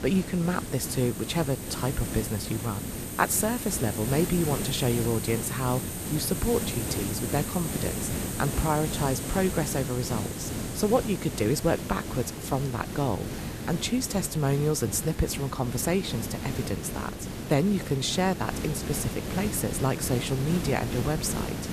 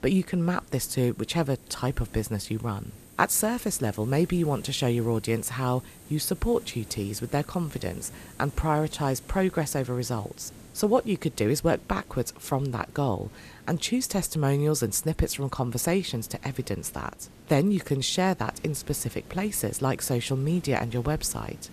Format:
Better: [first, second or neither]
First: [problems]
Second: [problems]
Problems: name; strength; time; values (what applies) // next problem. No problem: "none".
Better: second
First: hiss; loud; throughout; 5 dB below the speech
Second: hiss; faint; throughout; 20 dB below the speech